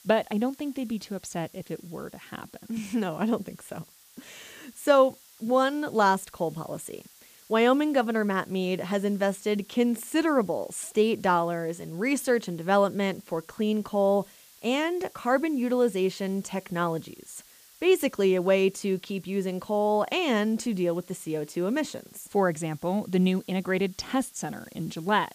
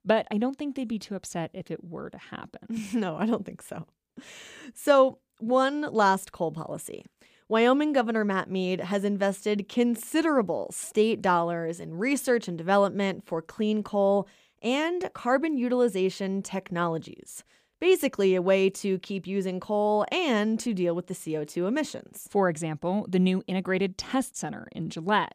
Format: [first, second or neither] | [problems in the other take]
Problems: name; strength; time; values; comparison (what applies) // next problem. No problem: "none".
second | hiss; faint; throughout; 25 dB below the speech